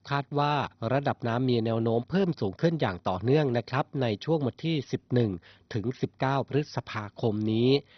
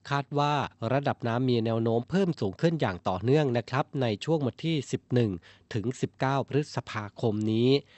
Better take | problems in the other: second | garbled, watery; badly; nothing above 6 kHz; slightly in the second

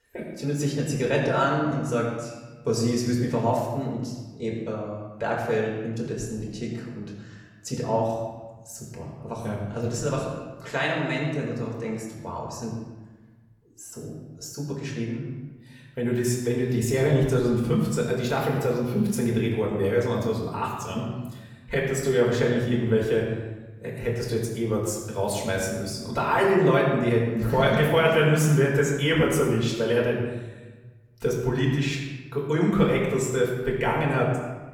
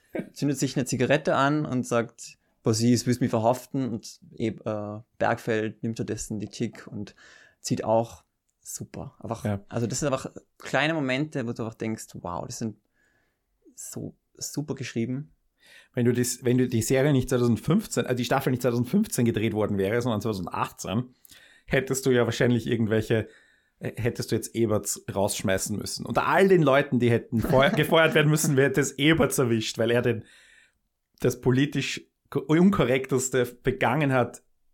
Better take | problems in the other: second | off-mic speech; far // room echo; noticeable; dies away in 1.1 s

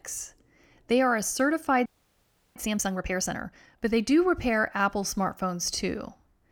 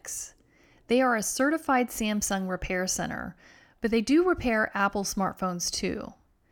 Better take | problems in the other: second | audio freezing; at 2 s for 0.5 s

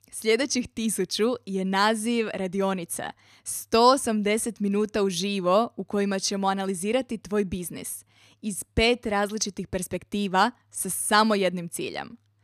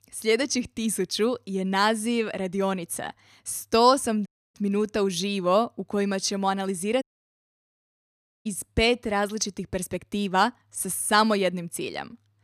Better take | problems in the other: first | audio cutting out; at 4.5 s and at 7 s for 1.5 s

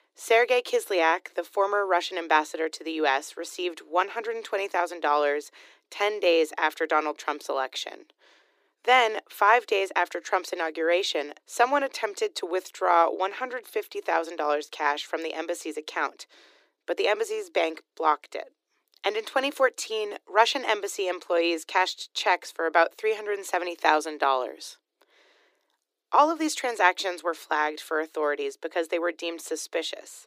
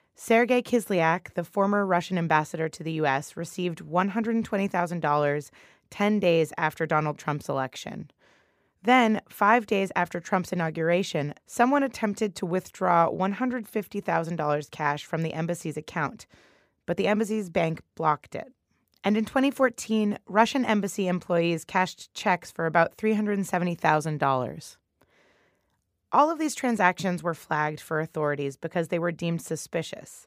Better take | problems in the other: second | thin; very; fading below 300 Hz

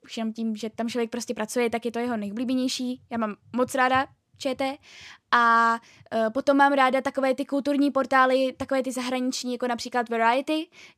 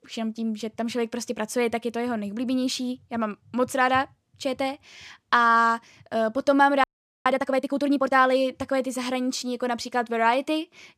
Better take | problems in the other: first | audio freezing; at 7 s

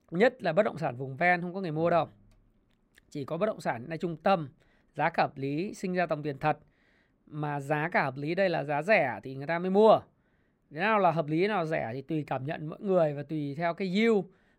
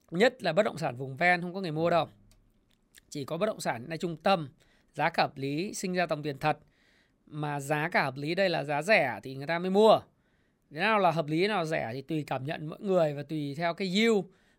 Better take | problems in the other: second | muffled; slightly; fading above 3 kHz

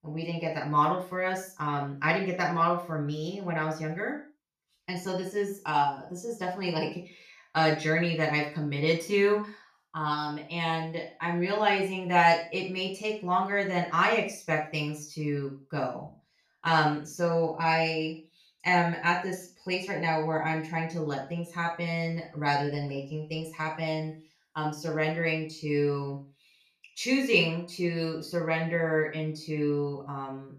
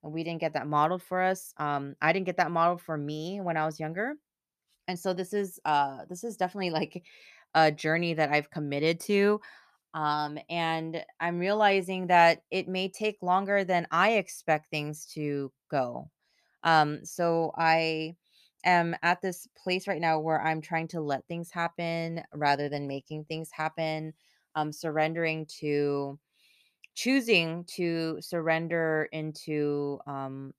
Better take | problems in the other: second | room echo; slight; dies away in 0.4 s // off-mic speech; far

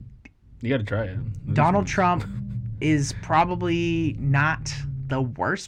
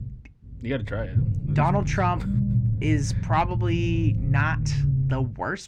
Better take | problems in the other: first | low rumble; loud; throughout; 10 dB below the speech; faint in the first

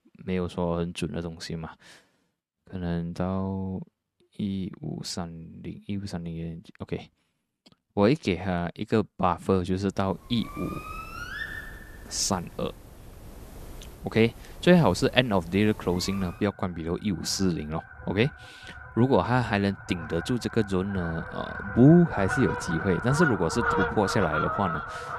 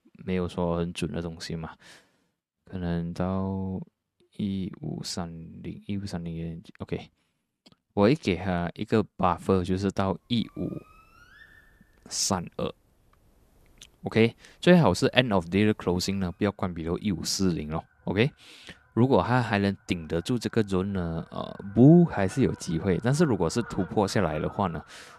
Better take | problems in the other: second | animal sounds; loud; from 10 s on; 8 dB below the speech; faint in the second

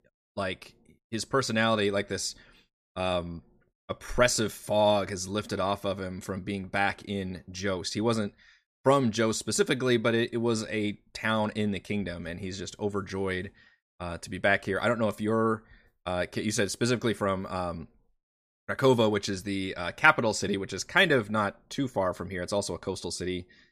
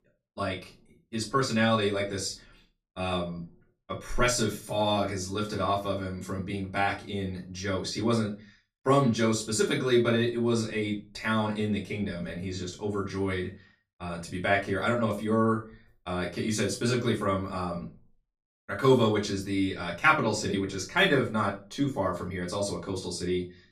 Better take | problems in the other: first | off-mic speech; far // room echo; very slight; dies away in 0.3 s

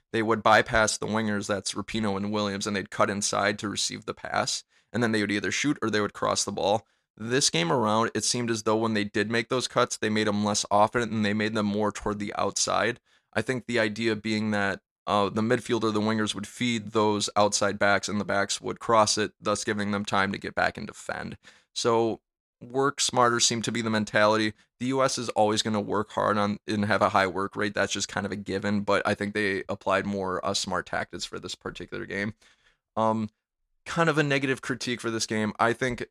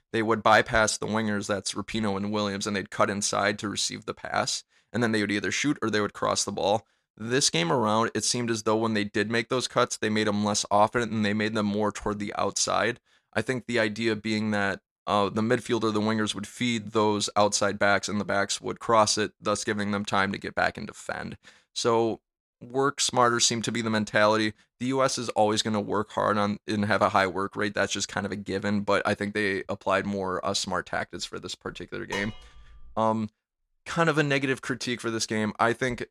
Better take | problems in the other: first | clattering dishes; faint; at 32 s; peak 10 dB below the speech

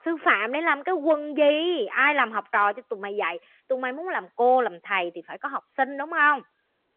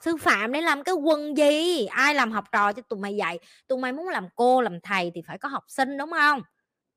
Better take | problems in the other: second | phone-call audio; nothing above 3.5 kHz

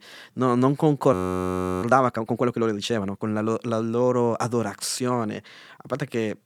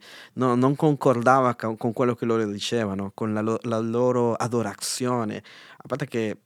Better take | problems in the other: second | audio freezing; at 1 s for 0.5 s

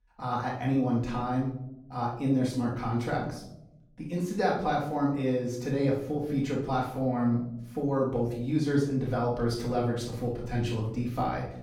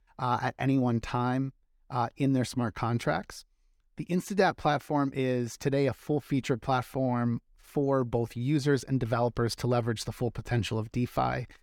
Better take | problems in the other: second | off-mic speech; far // room echo; noticeable; dies away in 0.7 s

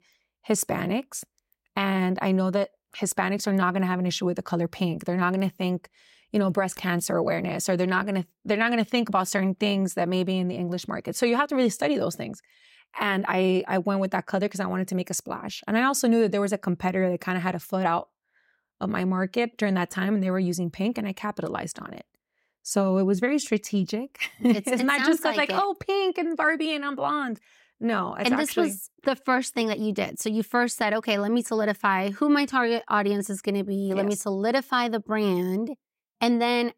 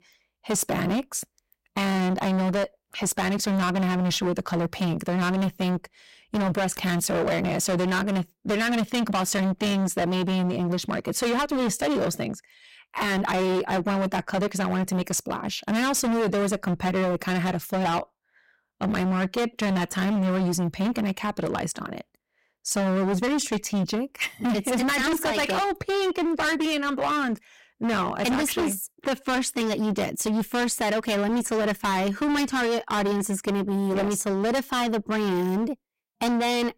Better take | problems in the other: first | distortion; heavy; 27% of the sound clipped

